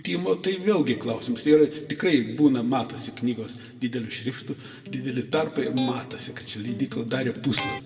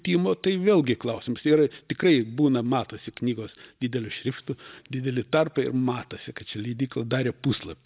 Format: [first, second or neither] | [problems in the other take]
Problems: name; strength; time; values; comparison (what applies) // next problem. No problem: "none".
second | background sound (Electric guitar); 12 dB below the speech // room echo; dies away in 1.3 s